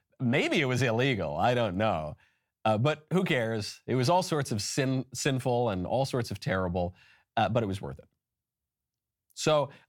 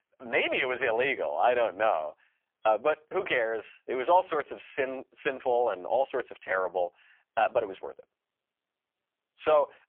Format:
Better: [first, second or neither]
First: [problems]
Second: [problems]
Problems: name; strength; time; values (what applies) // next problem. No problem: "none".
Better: first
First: none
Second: phone-call audio; poor line; nothing above 3.5 kHz